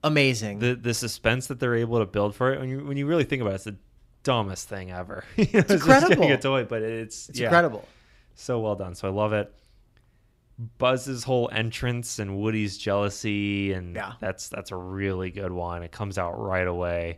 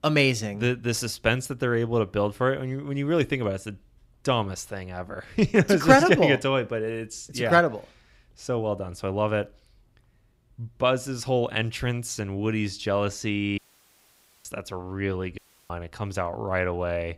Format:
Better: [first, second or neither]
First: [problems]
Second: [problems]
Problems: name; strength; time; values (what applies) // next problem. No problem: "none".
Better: first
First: none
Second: audio cutting out; at 14 s for 1 s and at 15 s